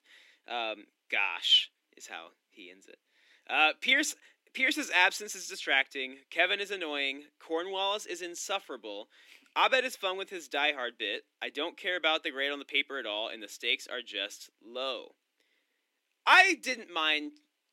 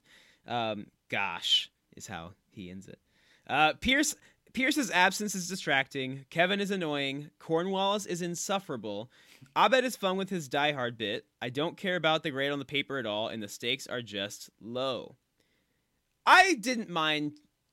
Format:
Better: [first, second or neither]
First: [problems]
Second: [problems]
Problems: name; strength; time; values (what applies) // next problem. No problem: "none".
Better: second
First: thin; somewhat; fading below 300 Hz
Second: none